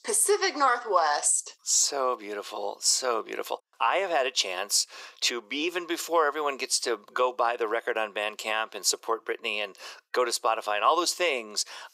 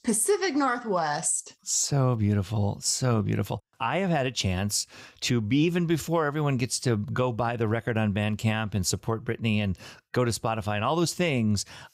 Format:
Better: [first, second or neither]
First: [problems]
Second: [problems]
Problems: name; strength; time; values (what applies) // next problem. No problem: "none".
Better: second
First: thin; very; fading below 400 Hz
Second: none